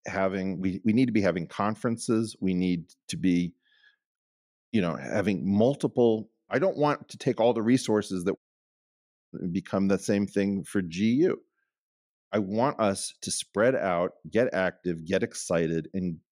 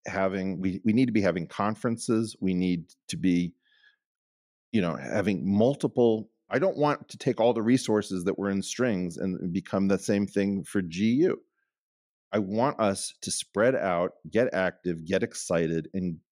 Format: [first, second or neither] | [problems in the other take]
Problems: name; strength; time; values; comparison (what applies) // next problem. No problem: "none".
second | audio cutting out; at 8.5 s for 1 s